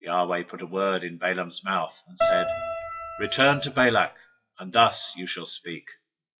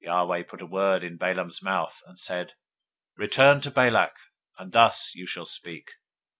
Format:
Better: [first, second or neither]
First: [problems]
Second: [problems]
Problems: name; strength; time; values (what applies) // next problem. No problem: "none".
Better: second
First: noise reduction (classical method WPE with log-MMSE)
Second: none